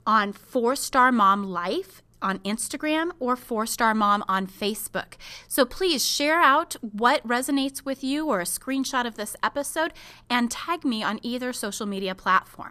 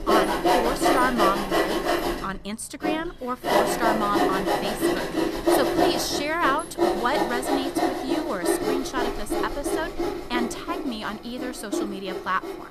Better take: first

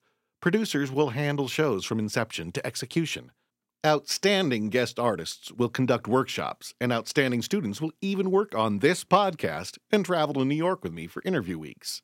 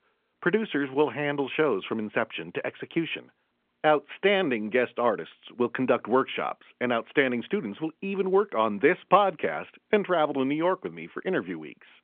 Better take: first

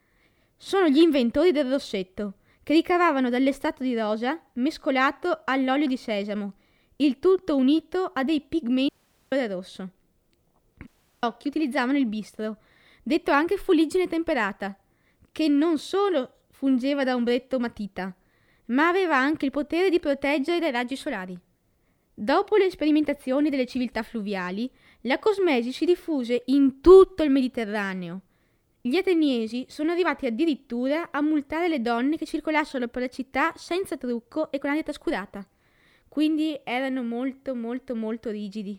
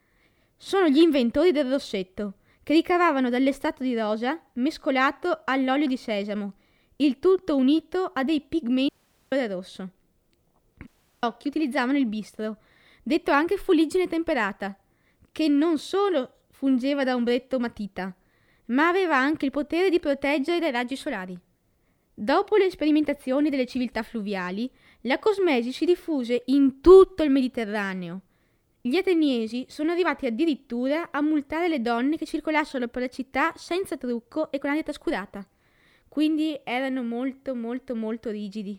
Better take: neither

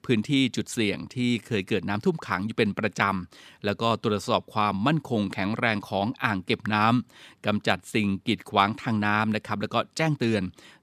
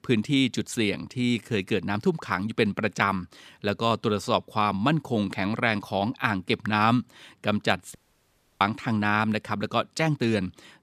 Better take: first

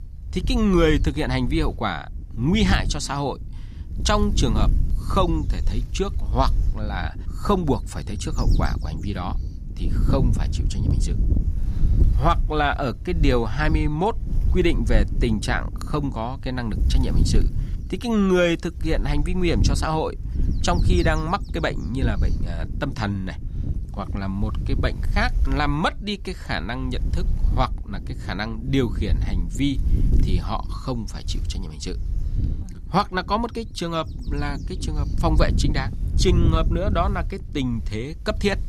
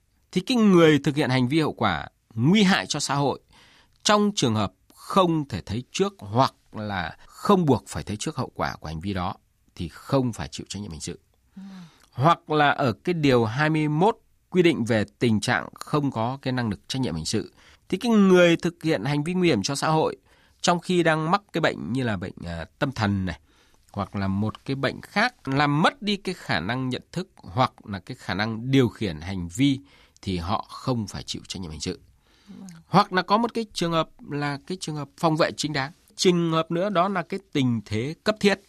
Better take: second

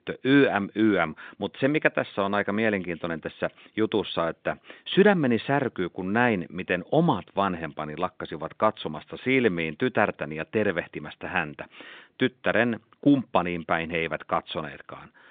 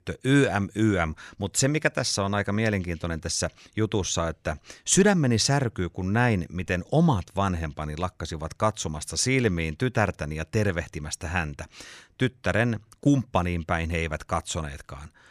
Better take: second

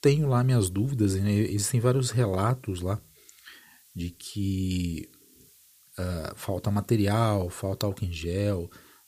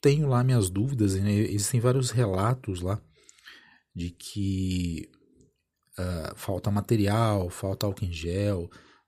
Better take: second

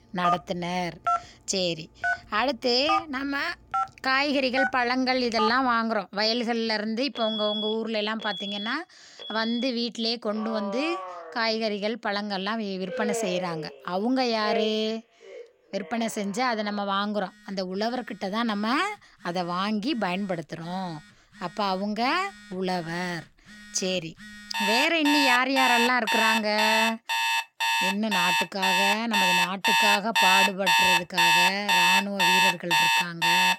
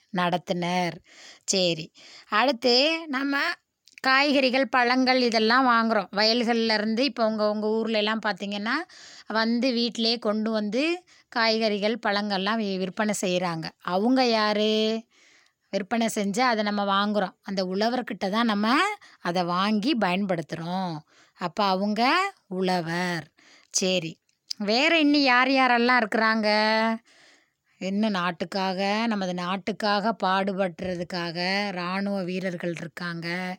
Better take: second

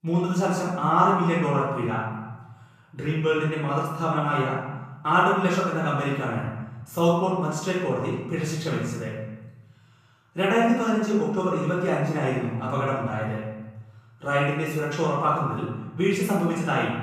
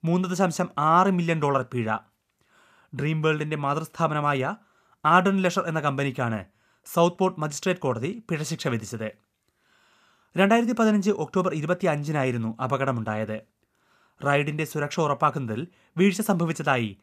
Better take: second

